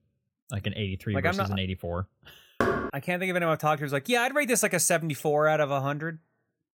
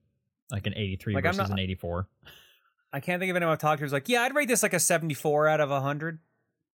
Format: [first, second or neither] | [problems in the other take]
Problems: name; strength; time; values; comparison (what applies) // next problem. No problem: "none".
second | door banging; noticeable; at 2.5 s; peak 1 dB below the speech